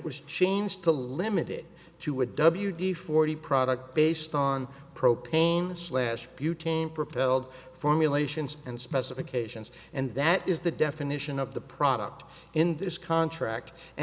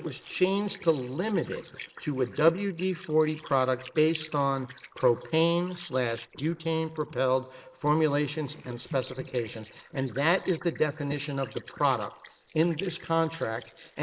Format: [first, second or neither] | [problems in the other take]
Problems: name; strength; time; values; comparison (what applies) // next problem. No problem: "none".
first | noise reduction (neural mask model Resemble Enhance denoiser)